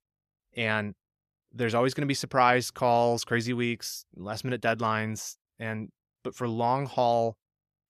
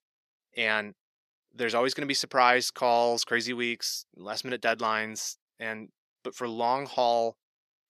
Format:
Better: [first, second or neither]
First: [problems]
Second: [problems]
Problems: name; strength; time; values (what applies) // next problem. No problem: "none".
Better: first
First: none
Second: thin; very slightly; fading below 300 Hz